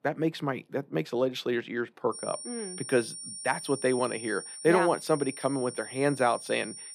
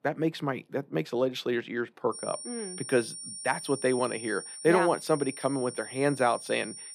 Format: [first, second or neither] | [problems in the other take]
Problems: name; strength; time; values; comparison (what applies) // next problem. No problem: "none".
neither | high-pitched whine; noticeable; from 2 s on; 9 kHz, 10 dB below the speech; the same in both